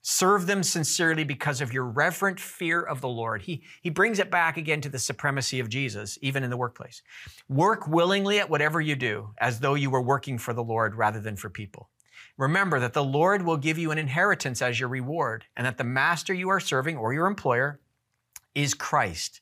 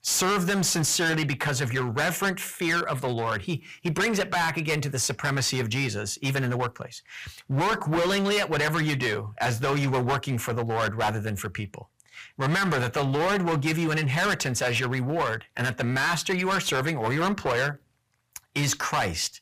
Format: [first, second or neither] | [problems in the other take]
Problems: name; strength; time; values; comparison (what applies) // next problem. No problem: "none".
first | distortion; heavy; 18% of the sound clipped